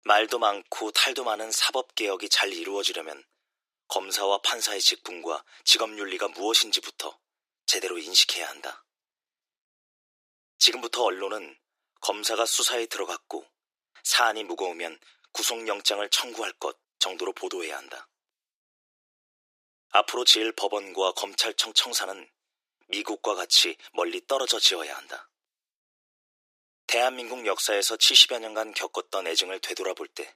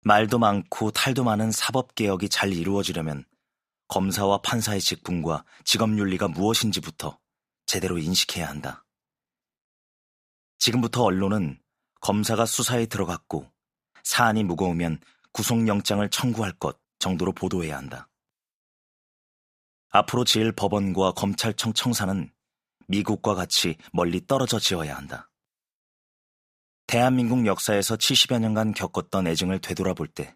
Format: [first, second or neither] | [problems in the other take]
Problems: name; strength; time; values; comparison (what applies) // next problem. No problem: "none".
second | thin; very; fading below 350 Hz